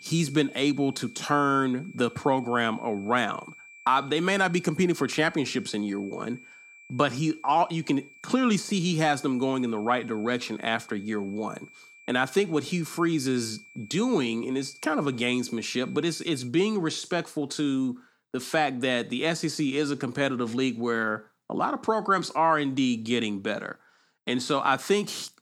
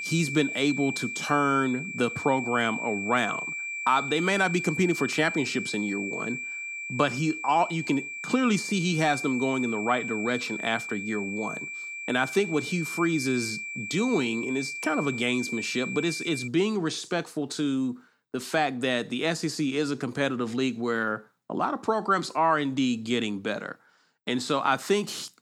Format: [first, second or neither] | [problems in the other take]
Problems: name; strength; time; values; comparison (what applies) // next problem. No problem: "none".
first | high-pitched whine; loud; until 16 s; 2.5 kHz, 5 dB below the speech; faint in the first